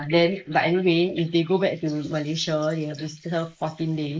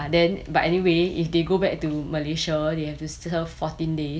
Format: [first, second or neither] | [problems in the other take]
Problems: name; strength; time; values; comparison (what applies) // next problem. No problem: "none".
second | noise reduction (neural mask model Resemble Enhance denoiser)